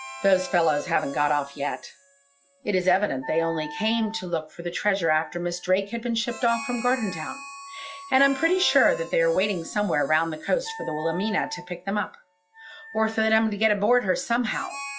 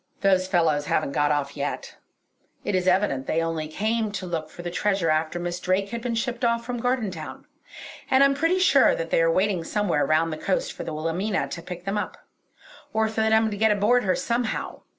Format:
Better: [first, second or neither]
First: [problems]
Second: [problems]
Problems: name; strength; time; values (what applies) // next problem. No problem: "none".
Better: second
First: noise reduction (classical method log-MMSE)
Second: none